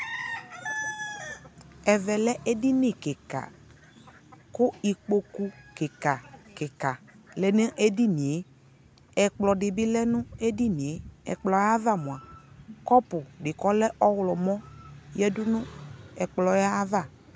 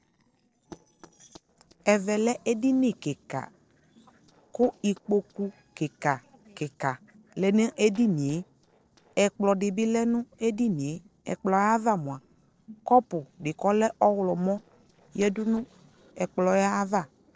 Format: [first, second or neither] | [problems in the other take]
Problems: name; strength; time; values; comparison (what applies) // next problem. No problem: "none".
first | noise reduction (neural separator model SepFormer DNS4)